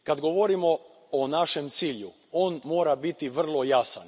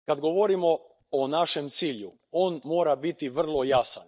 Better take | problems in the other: first | noise reduction (neural mask model DeepFilterNet 3)

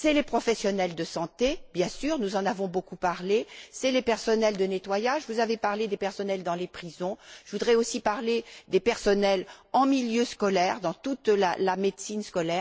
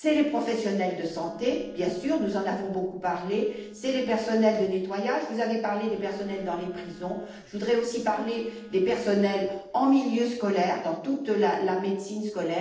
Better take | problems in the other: first | noise reduction (neural separator model SepFormer DNS4)

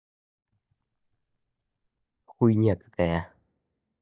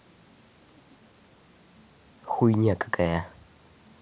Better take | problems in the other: second | noise reduction (neural mask model DeepFilterNet 3)

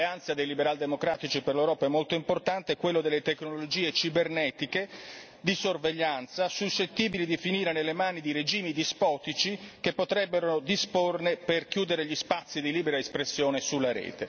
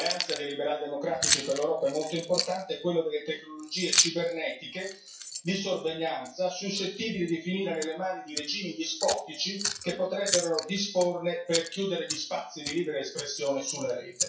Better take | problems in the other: first | noise reduction (classical method WPE with log-MMSE)

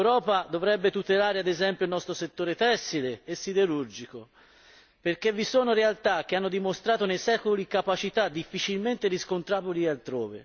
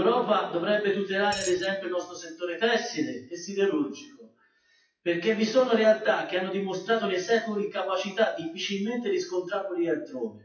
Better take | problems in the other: first | noise reduction (classical method WPE with log-MMSE)

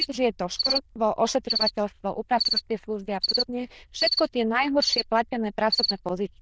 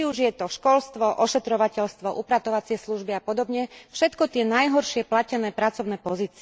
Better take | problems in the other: second | noise reduction (neural diffusion model UNIVERSE++)

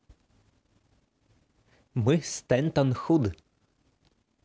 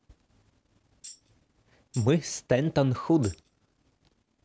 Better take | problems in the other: first | background sound (Tambourine); 19 dB below the speech

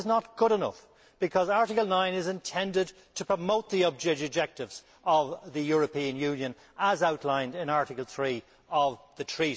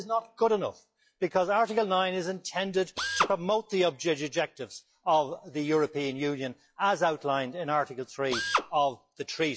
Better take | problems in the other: first | noise reduction (classical method log-MMSE)

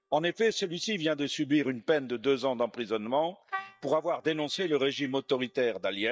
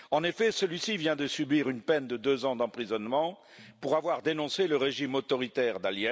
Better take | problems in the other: second | noise reduction (neural mask model DeepFilterNet 3)

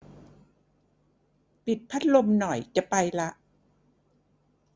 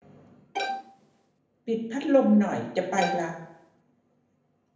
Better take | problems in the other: first | background sound (Bowed string instrument); 6 dB below the speech // room echo; dies away in 0.7 s

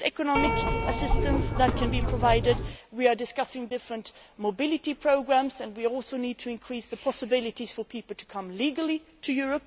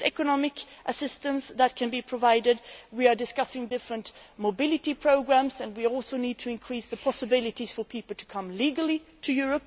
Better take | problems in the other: second | background sound (Keyboard (musical)); 2 dB above the speech

